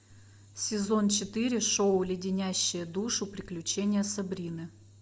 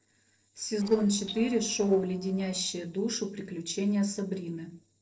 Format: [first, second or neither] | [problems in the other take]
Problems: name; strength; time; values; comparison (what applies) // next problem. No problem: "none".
first | noise reduction (neural separator model SepFormer DNS4)